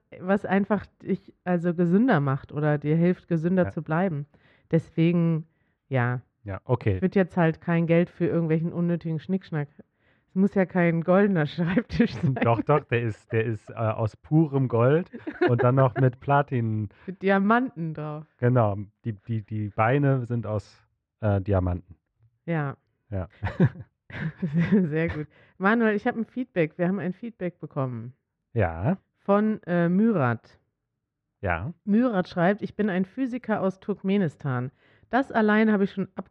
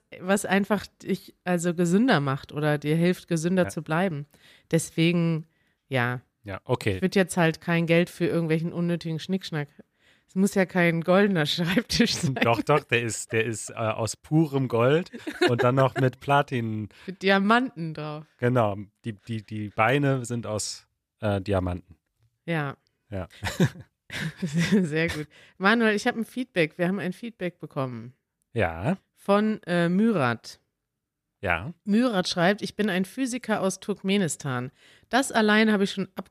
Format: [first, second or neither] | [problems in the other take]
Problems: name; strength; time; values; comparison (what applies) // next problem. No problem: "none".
second | muffled; very; fading above 1.5 kHz